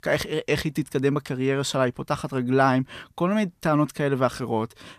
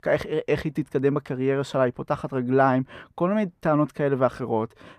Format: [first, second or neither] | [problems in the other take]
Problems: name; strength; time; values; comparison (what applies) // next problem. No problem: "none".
first | muffled; slightly; fading above 3 kHz